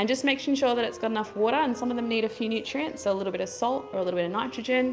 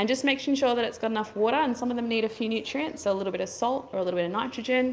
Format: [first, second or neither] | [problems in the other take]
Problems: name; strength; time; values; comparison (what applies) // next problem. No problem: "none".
second | background sound (Wind instrument, woodwind instrument); 19 dB below the speech